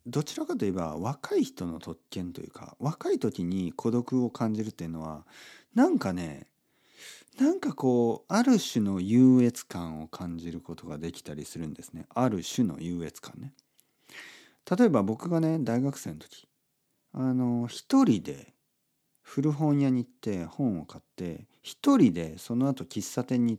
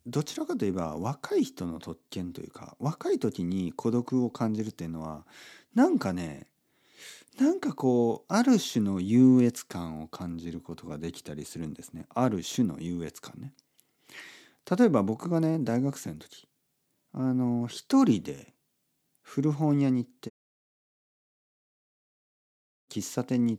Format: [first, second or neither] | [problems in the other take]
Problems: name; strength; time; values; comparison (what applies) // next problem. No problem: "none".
first | audio cutting out; at 20 s for 2.5 s